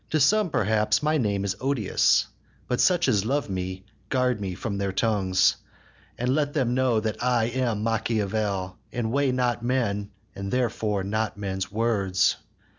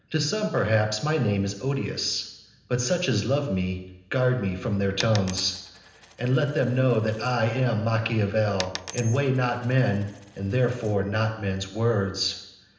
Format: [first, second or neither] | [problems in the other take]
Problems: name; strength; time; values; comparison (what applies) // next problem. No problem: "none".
first | background sound (Coin (dropping)); 16 dB below the speech // room echo; dies away in 0.9 s